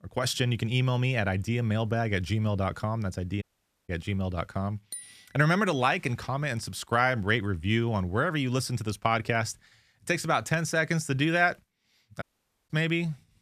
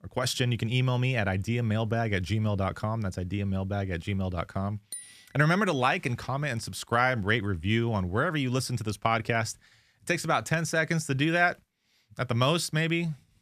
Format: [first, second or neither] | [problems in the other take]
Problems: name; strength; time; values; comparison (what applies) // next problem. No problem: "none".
second | audio cutting out; at 3.5 s and at 12 s